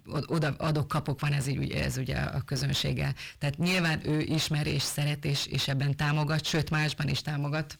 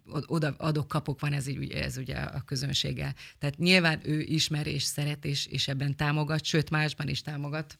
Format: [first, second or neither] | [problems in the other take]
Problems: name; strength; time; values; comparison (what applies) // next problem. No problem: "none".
second | distortion; heavy; 6 dB below the speech